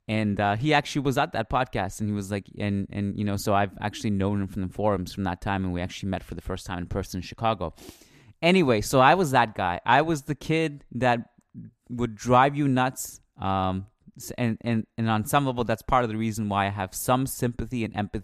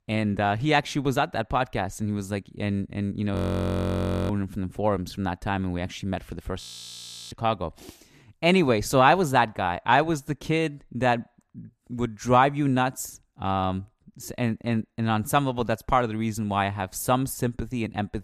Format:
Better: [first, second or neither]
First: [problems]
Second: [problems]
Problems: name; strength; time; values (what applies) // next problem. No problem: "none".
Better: first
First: none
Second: audio freezing; at 3.5 s for 1 s and at 6.5 s for 0.5 s